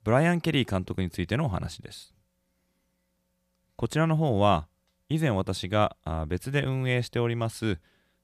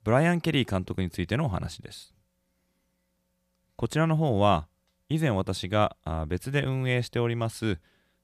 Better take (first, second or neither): neither